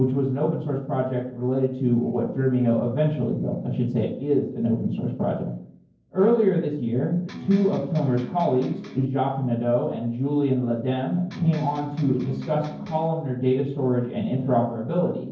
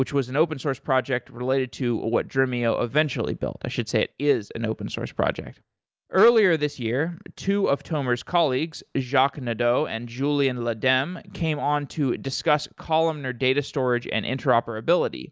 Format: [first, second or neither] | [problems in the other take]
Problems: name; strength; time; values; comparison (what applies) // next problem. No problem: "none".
second | noise reduction (neural separator model SepFormer DNS4)